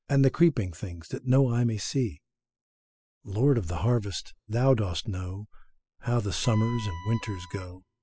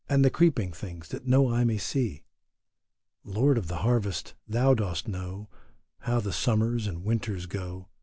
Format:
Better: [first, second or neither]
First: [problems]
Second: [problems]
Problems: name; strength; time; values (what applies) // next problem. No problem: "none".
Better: second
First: noise reduction (classical method spectral subtraction)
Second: none